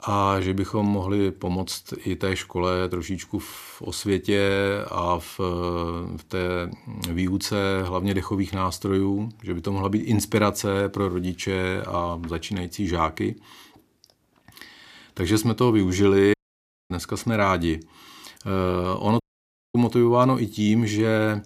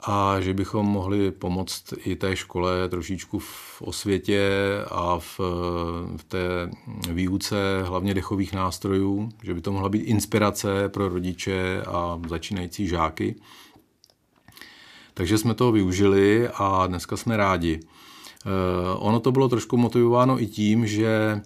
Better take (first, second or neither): second